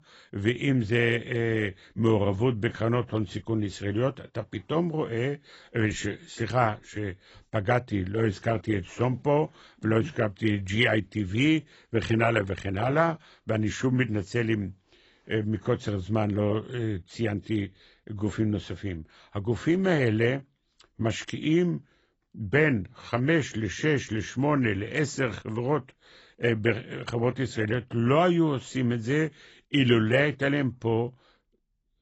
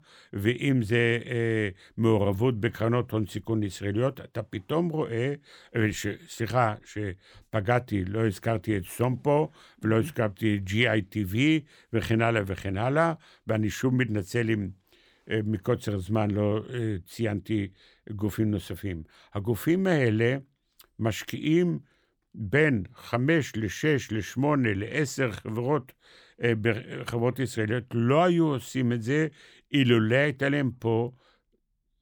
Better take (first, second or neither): second